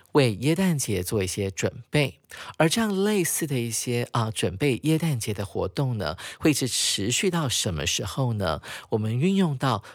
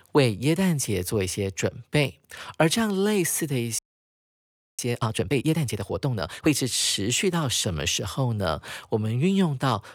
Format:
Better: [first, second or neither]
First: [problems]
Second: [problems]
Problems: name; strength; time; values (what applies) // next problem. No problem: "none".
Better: first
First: none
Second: audio freezing; at 4 s for 1 s